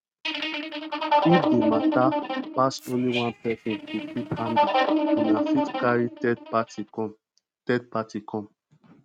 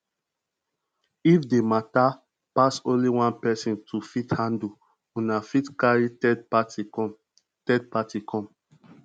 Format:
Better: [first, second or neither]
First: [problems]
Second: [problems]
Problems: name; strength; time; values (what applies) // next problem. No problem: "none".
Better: second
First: noise reduction (neural mask model RNNoise)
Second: none